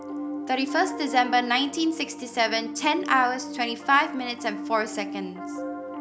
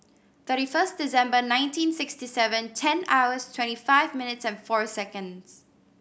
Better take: second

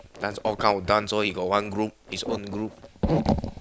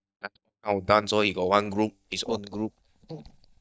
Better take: first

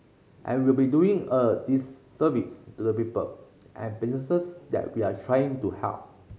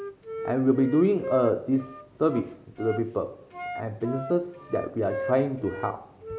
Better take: first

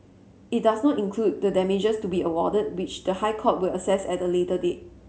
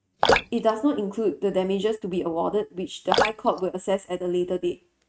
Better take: first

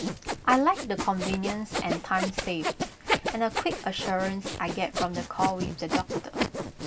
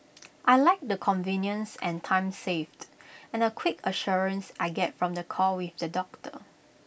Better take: second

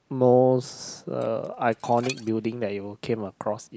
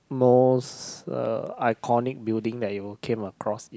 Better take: second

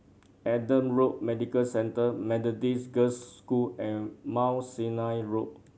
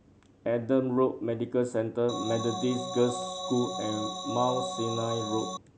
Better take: first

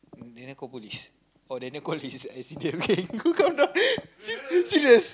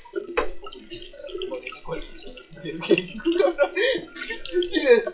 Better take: first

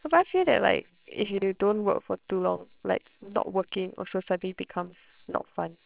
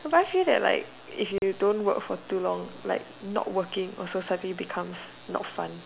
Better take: second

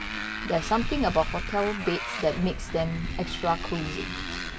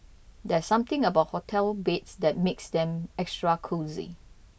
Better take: second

